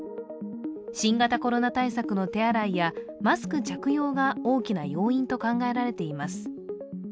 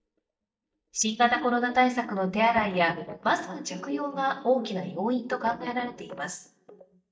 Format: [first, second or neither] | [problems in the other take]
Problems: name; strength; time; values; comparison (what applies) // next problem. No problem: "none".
first | noise reduction (neural mask model DeepFilterNet 3)